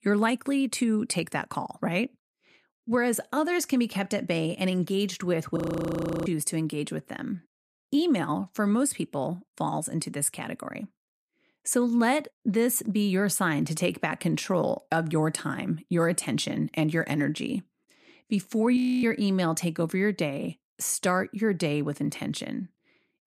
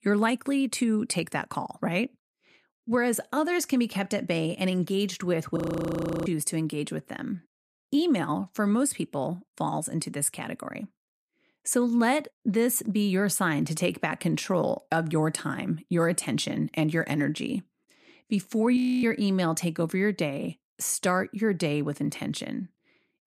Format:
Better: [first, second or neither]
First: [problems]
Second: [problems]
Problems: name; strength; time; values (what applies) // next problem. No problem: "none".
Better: neither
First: audio freezing; at 5.5 s for 0.5 s and at 19 s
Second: audio freezing; at 5.5 s for 0.5 s and at 19 s